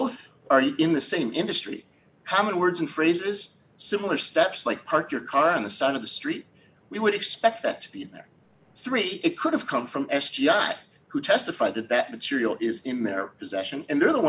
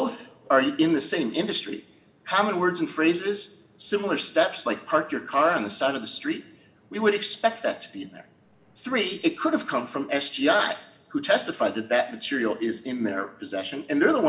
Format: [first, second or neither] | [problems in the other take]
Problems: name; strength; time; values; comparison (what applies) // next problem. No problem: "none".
first | room echo; dies away in 0.7 s